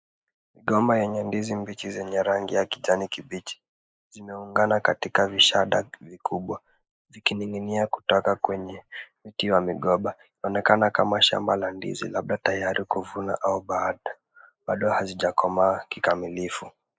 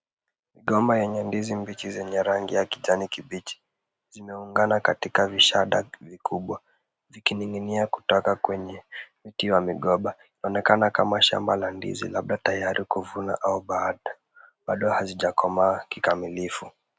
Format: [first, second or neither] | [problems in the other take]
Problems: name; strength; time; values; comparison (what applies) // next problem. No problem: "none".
second | noise reduction (neural mask model Resemble Enhance denoiser)